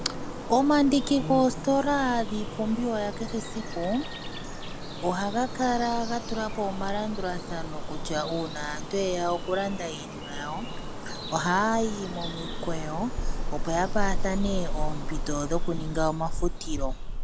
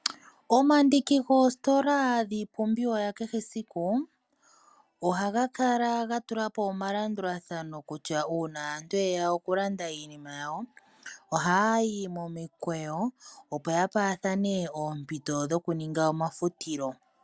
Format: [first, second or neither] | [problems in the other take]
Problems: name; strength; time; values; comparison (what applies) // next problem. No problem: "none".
second | background sound (Bird vocalization, bird call, bird song); 2 dB below the speech